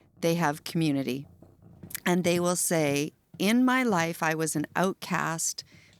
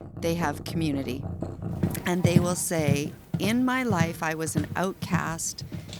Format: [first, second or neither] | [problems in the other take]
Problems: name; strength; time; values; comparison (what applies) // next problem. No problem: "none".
first | animal sounds; loud; throughout; 3 dB below the speech; faint in the first